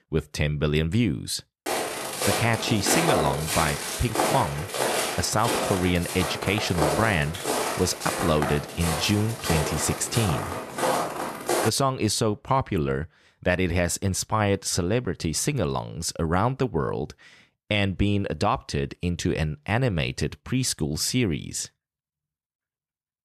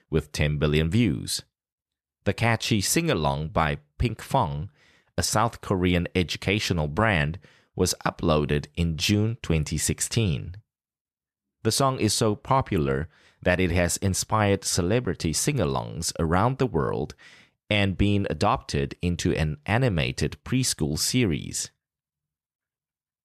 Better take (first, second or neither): second